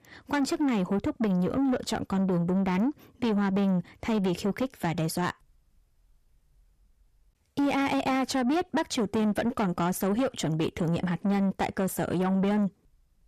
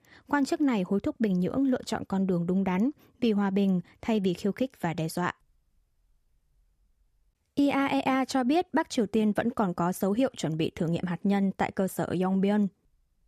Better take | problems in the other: second | distortion; slight; 10 dB below the speech

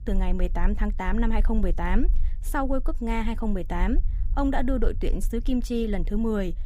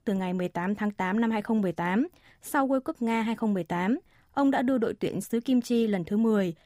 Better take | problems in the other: second | low rumble; faint; throughout; 25 dB below the speech

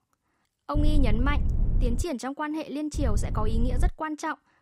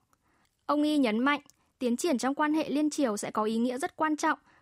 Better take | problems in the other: second | low rumble; noticeable; from 1 to 2 s and at 3 s; 10 dB below the speech

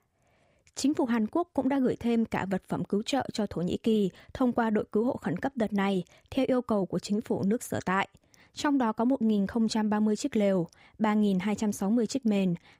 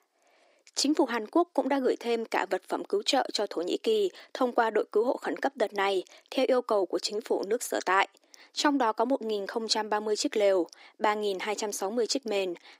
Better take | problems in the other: first | thin; somewhat; fading below 300 Hz

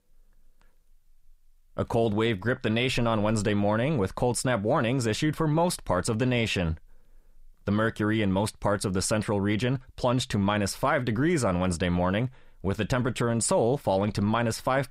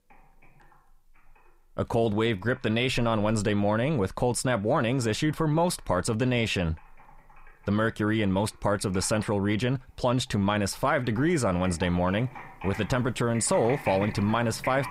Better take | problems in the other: first | household noises; noticeable; throughout; 15 dB below the speech

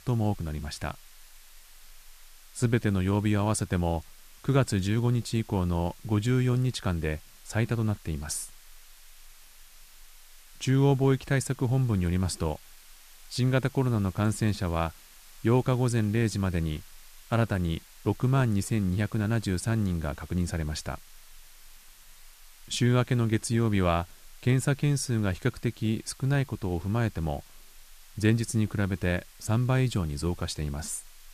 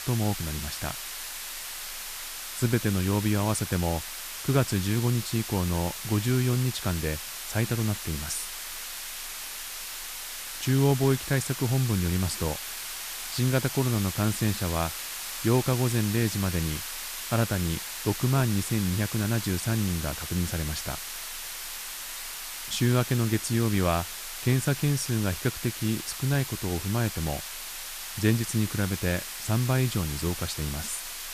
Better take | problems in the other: first | hiss; loud; throughout; 6 dB below the speech; faint in the first

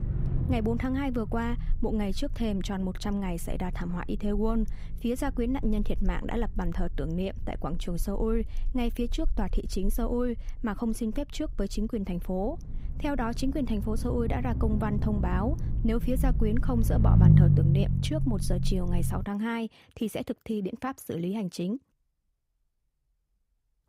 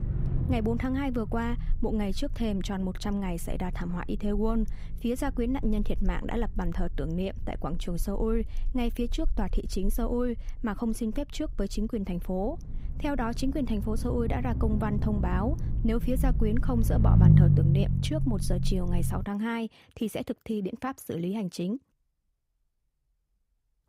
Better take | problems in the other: neither | low rumble; loud; until 19 s; 5 dB below the speech; the same in both

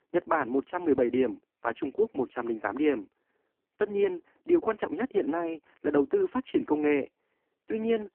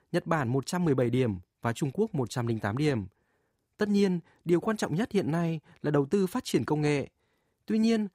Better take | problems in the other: second | phone-call audio; poor line

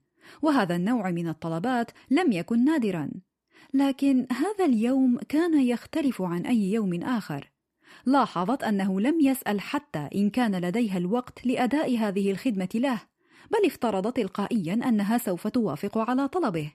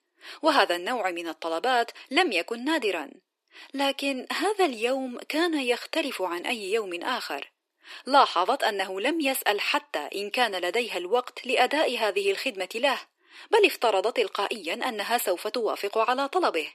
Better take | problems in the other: first | thin; very; fading below 400 Hz

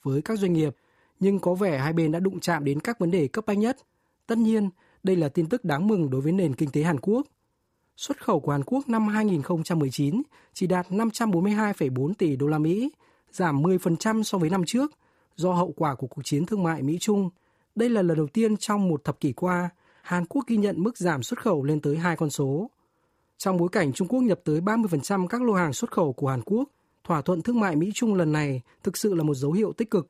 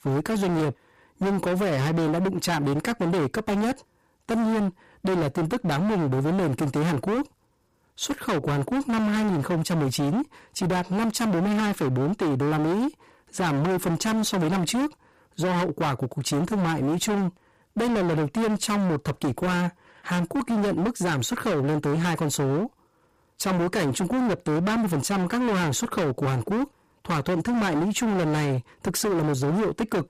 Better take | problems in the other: first | distortion; heavy; 37% of the sound clipped

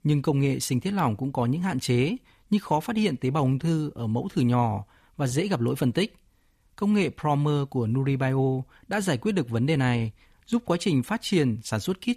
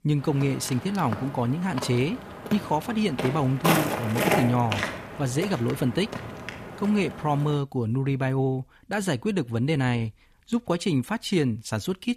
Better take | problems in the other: first | footsteps; loud; until 7.5 s; peak 3 dB above the speech

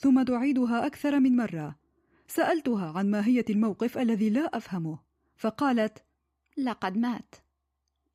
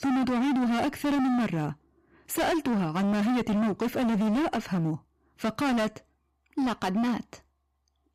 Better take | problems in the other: first | distortion; heavy; 30% of the sound clipped

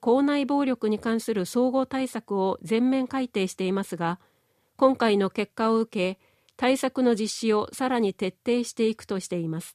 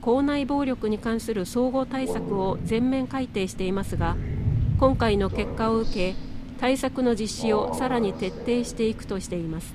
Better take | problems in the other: first | animal sounds; loud; throughout; 7 dB below the speech

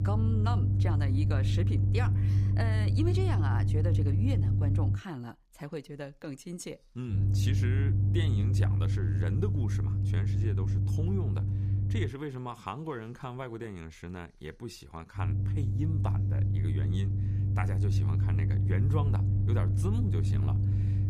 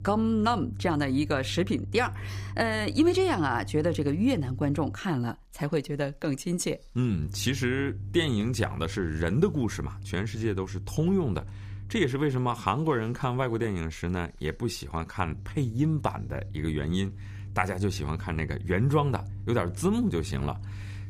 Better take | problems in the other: second | low rumble; loud; until 5 s, from 7 to 12 s and from 15 s on; 1 dB below the speech; faint in the second

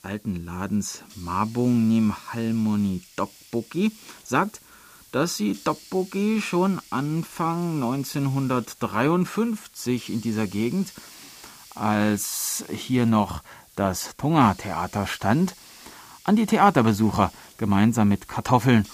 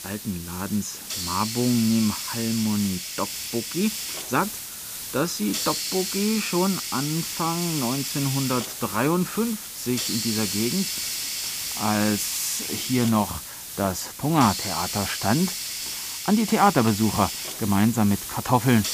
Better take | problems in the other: first | hiss; loud; throughout; 4 dB below the speech; faint in the first

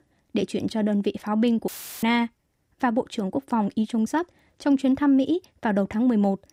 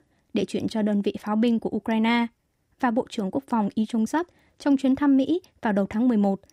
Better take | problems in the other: second | audio cutting out; filled with static; at 1.5 s

